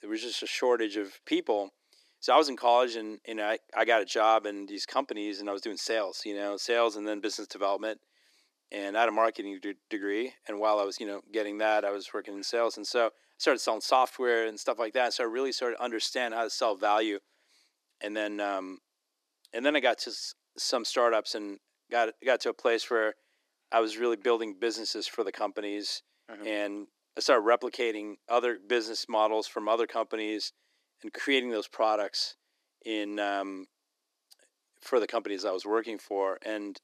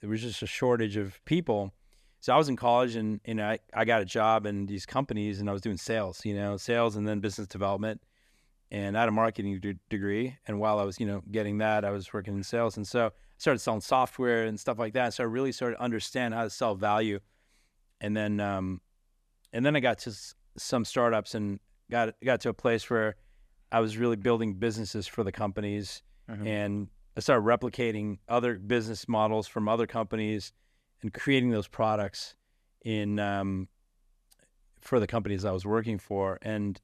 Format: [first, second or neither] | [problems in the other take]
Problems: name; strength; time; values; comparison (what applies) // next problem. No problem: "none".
second | thin; somewhat; fading below 300 Hz